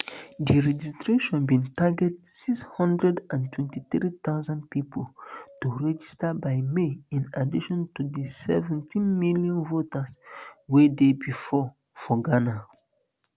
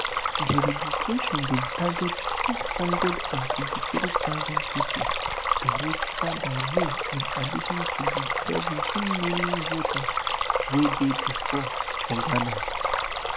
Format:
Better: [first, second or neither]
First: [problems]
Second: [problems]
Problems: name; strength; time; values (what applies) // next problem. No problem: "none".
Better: first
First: none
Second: background sound (Stream); 3 dB above the speech